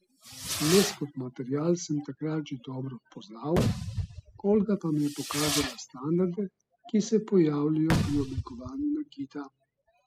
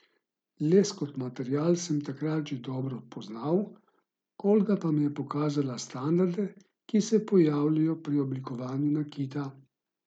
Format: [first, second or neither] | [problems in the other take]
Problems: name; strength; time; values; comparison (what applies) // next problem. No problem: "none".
second | noise reduction (classical method spectral subtraction)